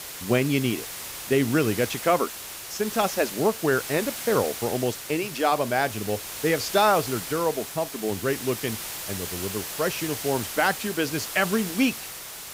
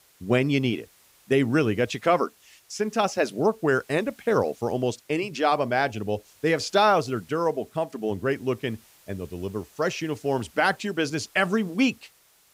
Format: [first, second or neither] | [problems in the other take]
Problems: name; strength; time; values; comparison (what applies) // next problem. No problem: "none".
second | hiss; loud; throughout; 7 dB below the speech; faint in the second